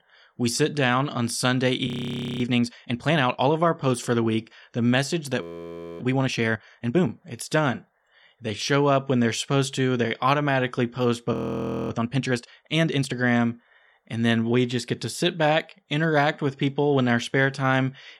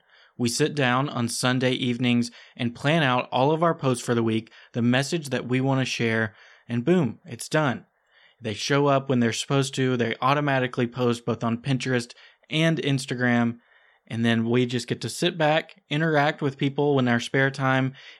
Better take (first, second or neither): second